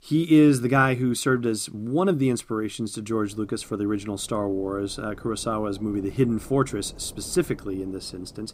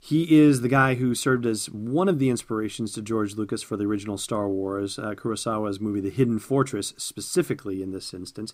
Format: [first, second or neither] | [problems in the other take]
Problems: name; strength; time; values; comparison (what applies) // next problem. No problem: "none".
second | wind noise on the microphone; occasional gusts; from 3 s on; 25 dB below the speech